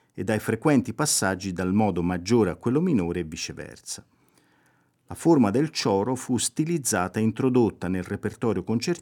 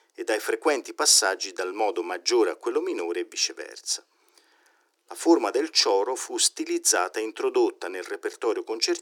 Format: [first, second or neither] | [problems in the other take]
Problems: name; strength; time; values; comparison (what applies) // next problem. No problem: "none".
first | thin; very; fading below 350 Hz